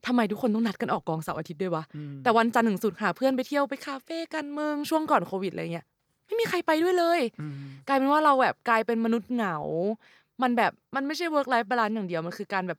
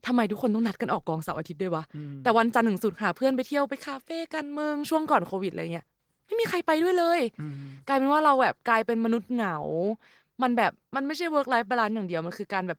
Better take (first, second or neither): first